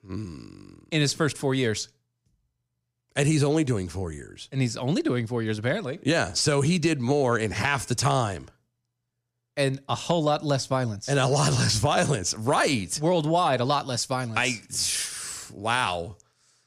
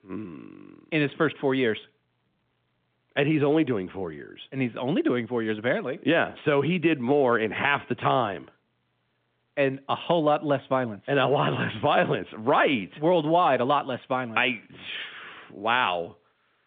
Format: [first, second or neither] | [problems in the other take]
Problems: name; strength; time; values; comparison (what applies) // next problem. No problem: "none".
first | phone-call audio